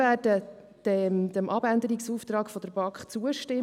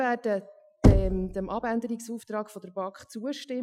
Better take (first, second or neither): first